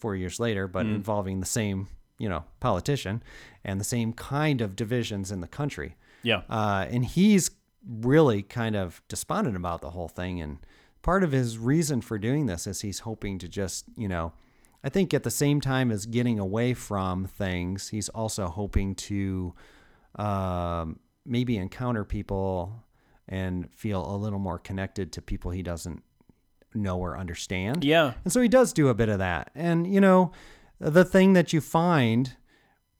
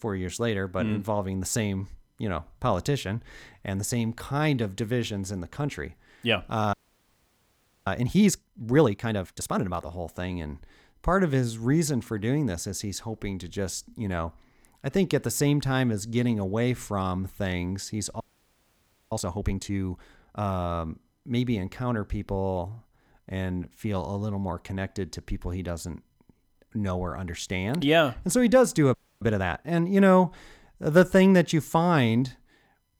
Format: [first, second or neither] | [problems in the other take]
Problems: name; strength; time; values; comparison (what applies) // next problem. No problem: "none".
first | audio freezing; at 6.5 s for 1 s, at 18 s for 1 s and at 29 s